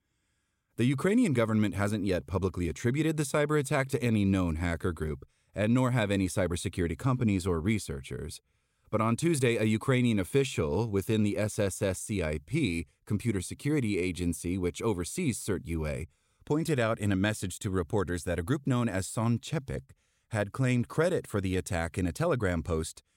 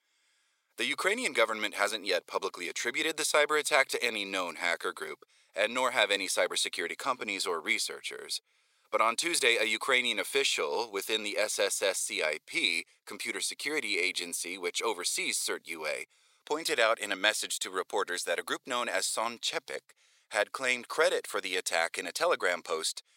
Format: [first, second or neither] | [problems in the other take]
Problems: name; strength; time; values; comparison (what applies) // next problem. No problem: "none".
first | thin; very; fading below 550 Hz